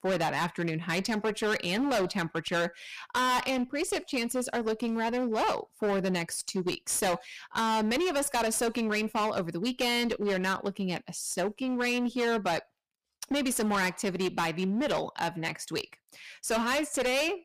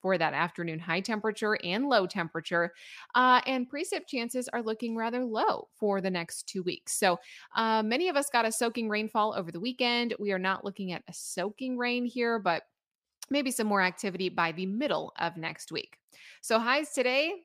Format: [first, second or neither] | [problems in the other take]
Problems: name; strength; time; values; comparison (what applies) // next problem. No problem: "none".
second | distortion; heavy; 18% of the sound clipped